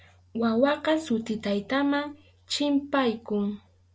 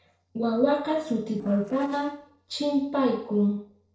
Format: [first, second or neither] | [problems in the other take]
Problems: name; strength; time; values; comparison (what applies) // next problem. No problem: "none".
first | noise reduction (neural separator model SepFormer DNS4)